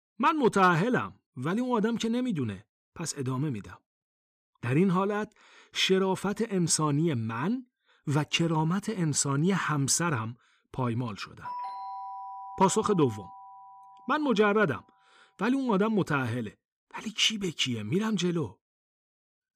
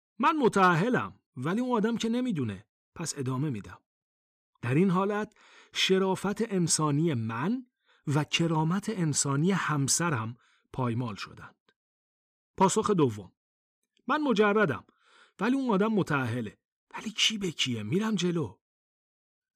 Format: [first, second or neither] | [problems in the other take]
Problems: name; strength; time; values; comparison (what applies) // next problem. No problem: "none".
second | doorbell; noticeable; from 11 to 14 s; peak 9 dB below the speech